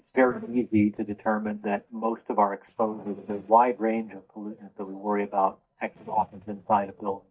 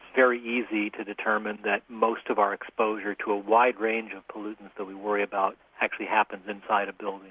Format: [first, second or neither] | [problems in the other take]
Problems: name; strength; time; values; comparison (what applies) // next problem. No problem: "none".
second | noise reduction (neural mask model DeepFilterNet 3)